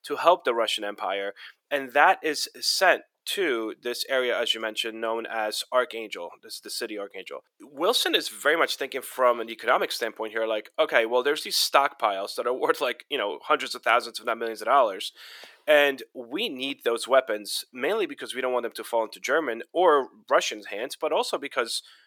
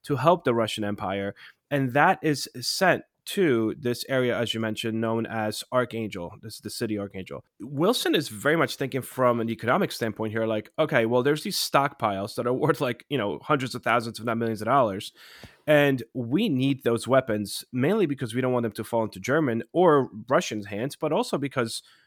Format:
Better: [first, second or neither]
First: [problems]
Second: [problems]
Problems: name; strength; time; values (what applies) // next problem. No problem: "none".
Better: second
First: thin; very; fading below 450 Hz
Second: none